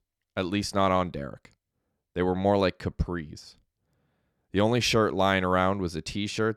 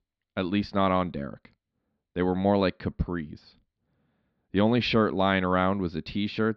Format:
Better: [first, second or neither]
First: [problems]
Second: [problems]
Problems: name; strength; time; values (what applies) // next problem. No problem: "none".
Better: first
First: none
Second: muffled; very slightly; fading above 4 kHz